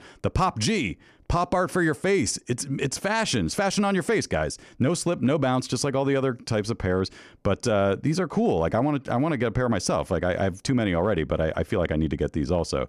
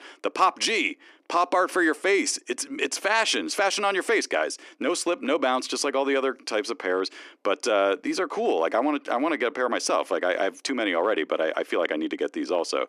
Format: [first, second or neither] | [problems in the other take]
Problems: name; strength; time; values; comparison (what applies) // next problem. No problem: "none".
first | thin; somewhat; fading below 300 Hz